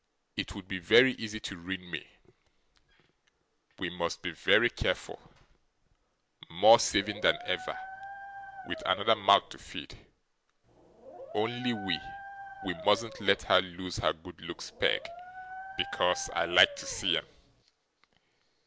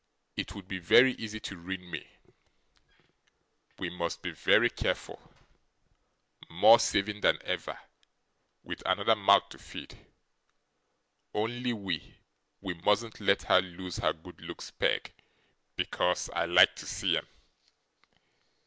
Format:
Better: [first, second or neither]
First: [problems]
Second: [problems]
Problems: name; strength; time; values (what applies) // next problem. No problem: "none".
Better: second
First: background sound (Dog); 13 dB below the speech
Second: none